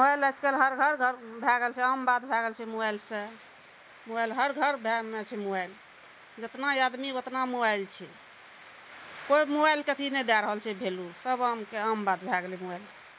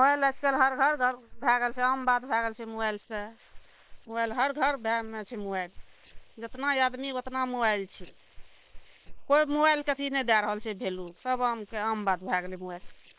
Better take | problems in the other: first | noise reduction (neural separator model SepFormer WHAM!)

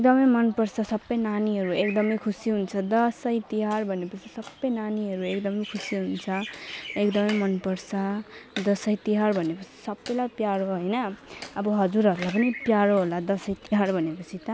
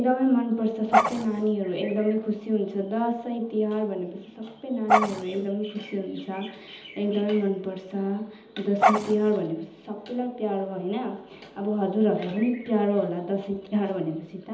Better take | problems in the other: first | background sound (Dog); 2 dB above the speech // room echo; dies away in 1.2 s

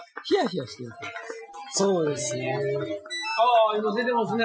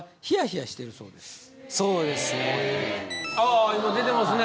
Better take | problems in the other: second | noise reduction (classical method Wiener filter)

